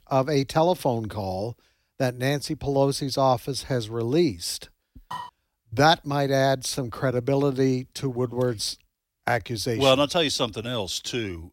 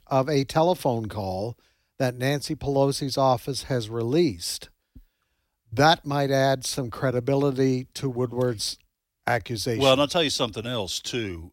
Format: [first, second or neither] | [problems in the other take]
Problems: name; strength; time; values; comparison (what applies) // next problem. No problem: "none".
second | clattering dishes; faint; at 5 s; peak 10 dB below the speech